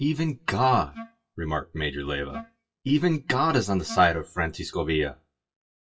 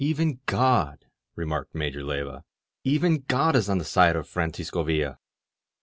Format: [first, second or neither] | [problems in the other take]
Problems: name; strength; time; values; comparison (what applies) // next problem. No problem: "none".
second | noise reduction (classical method WPE with log-MMSE)